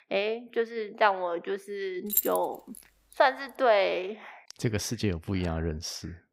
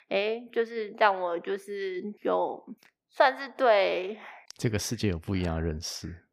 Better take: second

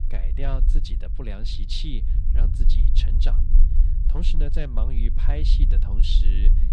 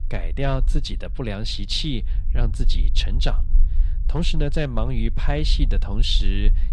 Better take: second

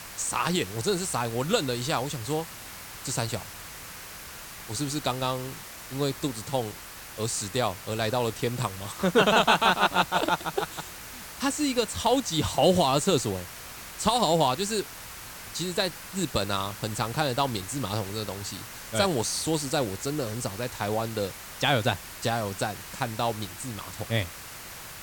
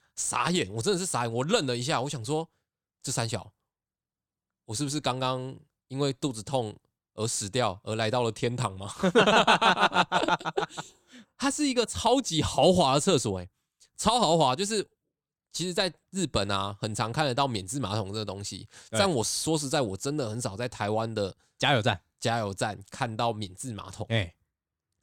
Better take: second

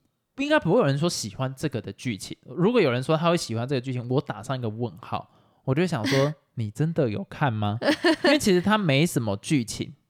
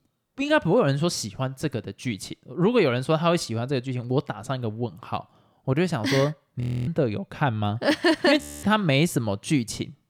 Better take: first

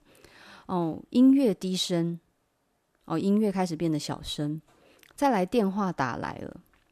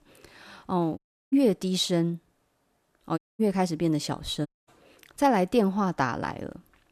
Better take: first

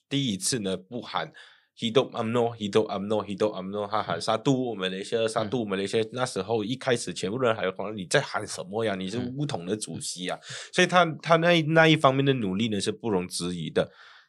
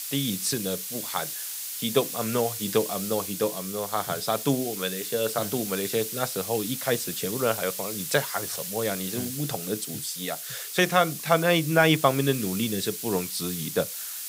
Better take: first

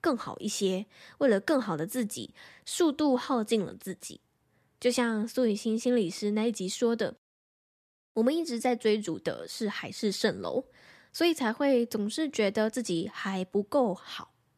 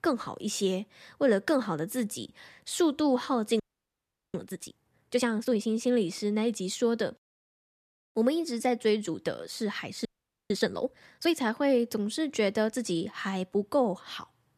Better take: first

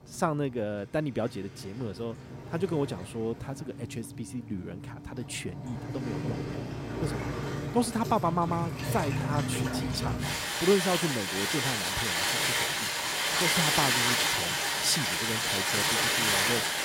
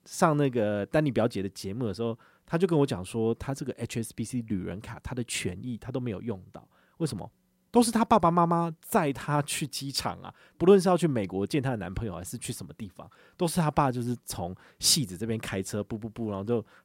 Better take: second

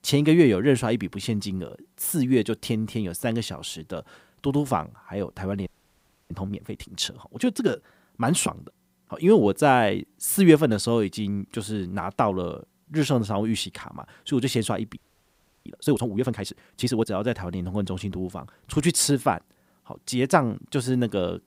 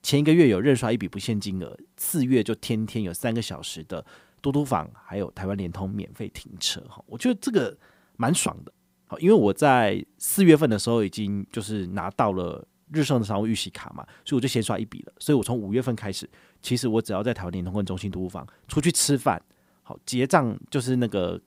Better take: second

